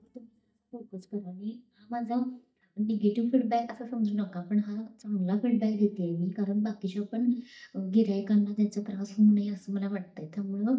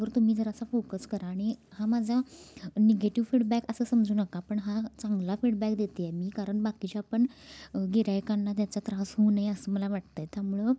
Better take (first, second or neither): second